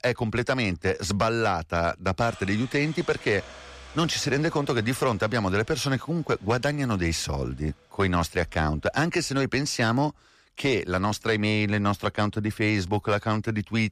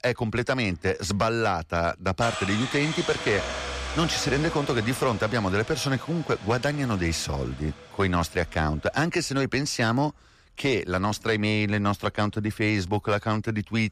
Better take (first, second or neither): first